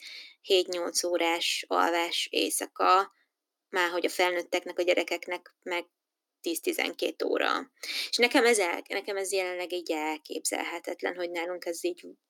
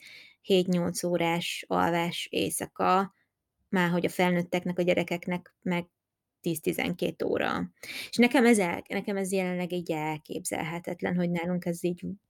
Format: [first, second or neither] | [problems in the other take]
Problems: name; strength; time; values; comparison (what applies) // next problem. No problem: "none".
second | thin; somewhat; fading below 300 Hz